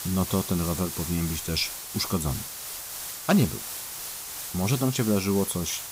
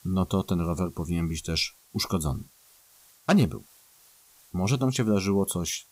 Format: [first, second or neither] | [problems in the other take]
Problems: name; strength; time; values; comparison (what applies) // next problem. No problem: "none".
second | hiss; loud; throughout; 6 dB below the speech; faint in the second